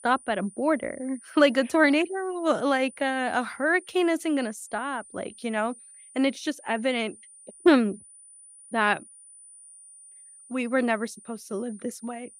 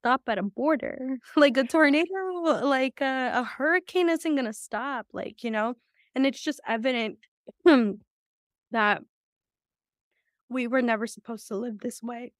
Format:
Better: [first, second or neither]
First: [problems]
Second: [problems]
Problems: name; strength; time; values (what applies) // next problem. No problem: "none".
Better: second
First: high-pitched whine; faint; throughout; 9.5 kHz, 20 dB below the speech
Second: none